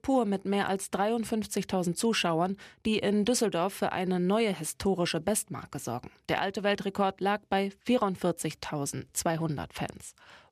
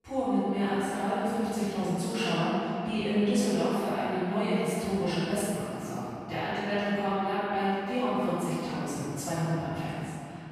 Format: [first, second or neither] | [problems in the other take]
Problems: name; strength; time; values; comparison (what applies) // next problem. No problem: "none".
first | off-mic speech; far // room echo; strong; dies away in 2.7 s